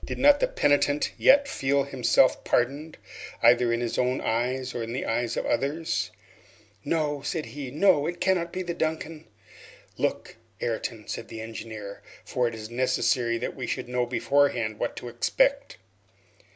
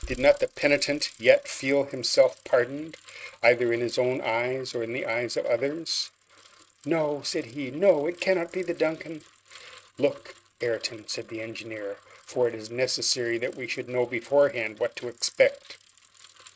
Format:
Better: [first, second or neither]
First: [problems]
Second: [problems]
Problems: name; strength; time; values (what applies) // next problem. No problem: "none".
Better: first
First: none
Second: noise reduction (neural mask model RNNoise)